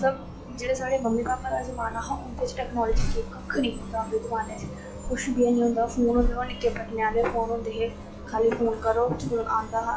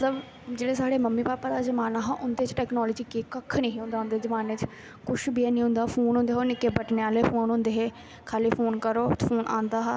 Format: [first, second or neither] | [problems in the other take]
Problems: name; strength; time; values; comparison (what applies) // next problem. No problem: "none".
second | noise reduction (classical method log-MMSE)